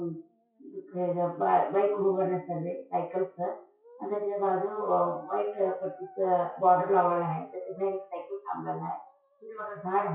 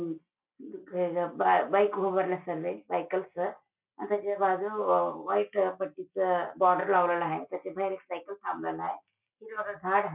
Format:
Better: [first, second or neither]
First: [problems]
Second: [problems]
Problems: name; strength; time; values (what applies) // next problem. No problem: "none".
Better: second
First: noise reduction (classical method WPE with log-MMSE)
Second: none